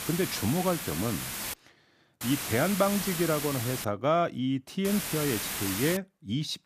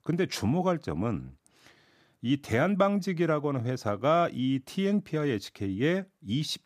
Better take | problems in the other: second | hiss; loud; until 1.5 s, from 2 to 4 s and from 5 to 6 s; 4 dB below the speech

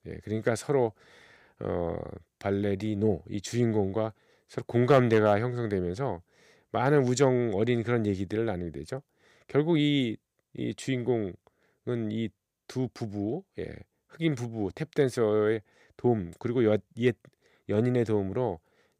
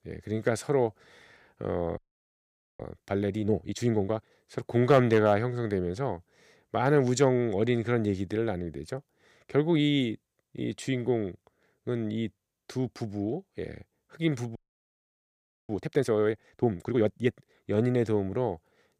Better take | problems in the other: first | audio freezing; at 2 s for 1 s and at 15 s for 1 s

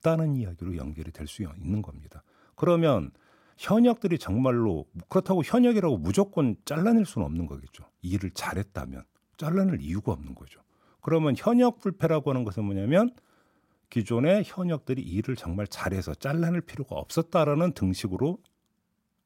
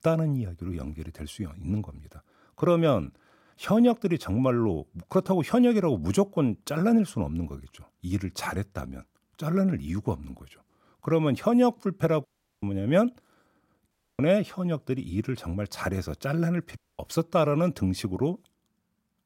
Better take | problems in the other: first | audio cutting out; at 12 s, at 14 s and at 17 s

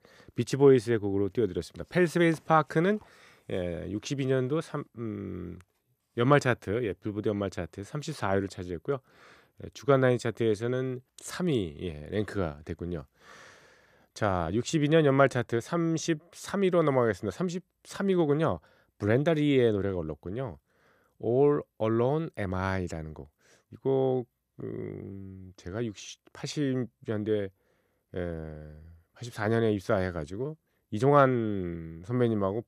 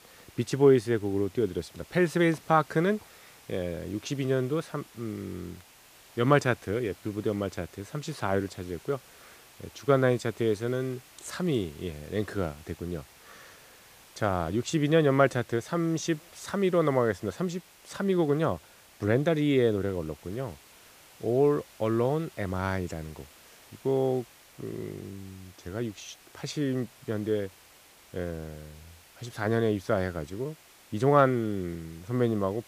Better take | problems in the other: first | hiss; faint; throughout; 25 dB below the speech

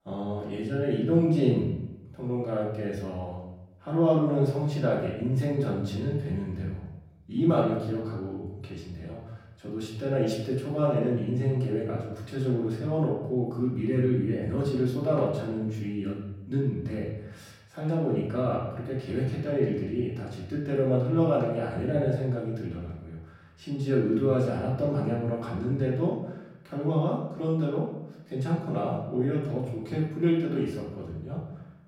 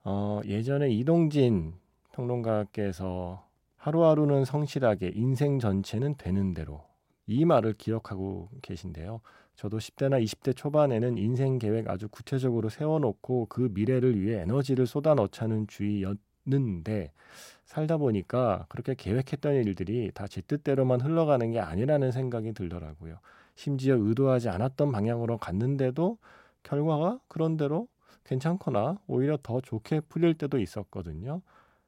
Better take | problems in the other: second | off-mic speech; far // room echo; noticeable; dies away in 0.8 s

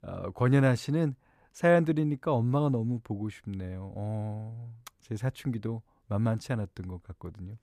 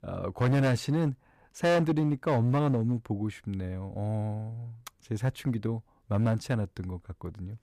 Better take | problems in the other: first | distortion; slight; 7% of the sound clipped

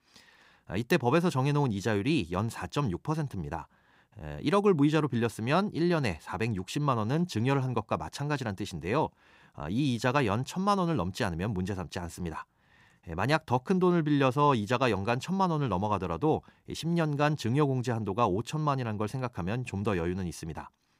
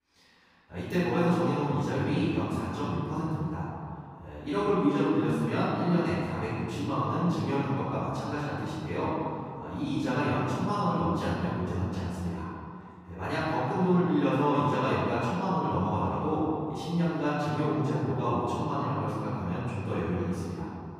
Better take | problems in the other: first | off-mic speech; far // room echo; strong; dies away in 2.4 s

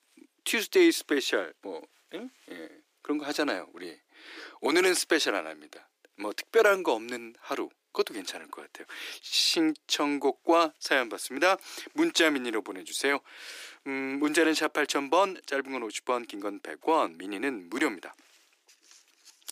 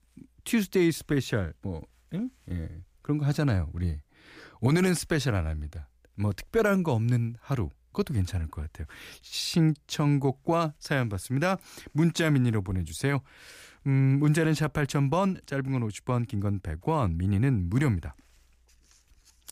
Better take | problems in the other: second | thin; very; fading below 300 Hz

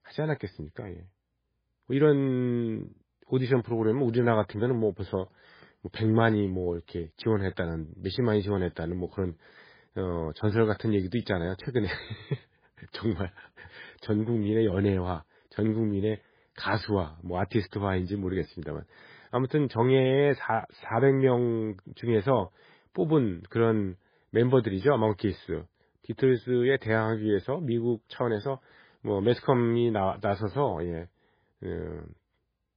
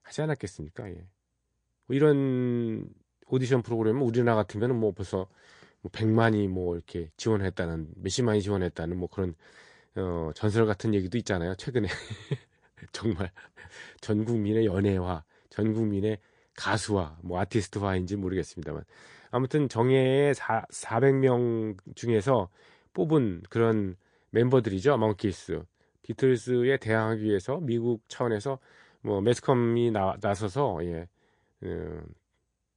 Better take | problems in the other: second | garbled, watery; badly; nothing above 4 kHz; slightly in the second

